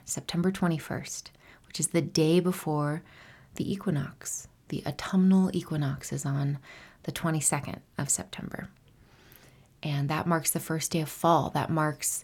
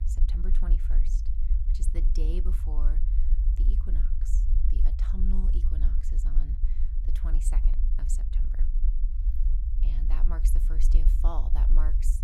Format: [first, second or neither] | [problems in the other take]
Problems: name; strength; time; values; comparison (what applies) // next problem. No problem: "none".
first | low rumble; loud; throughout; 4 dB below the speech